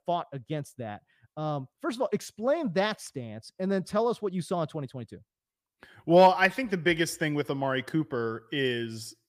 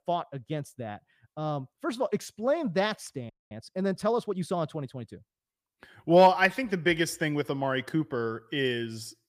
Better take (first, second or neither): first